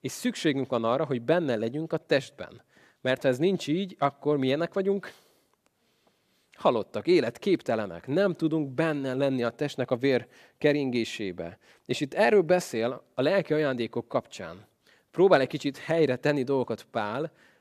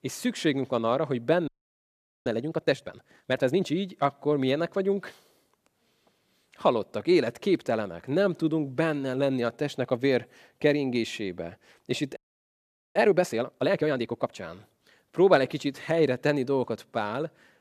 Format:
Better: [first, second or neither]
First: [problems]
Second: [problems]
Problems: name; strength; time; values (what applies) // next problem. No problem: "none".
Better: first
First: none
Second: audio freezing; at 1.5 s for 1 s and at 12 s for 1 s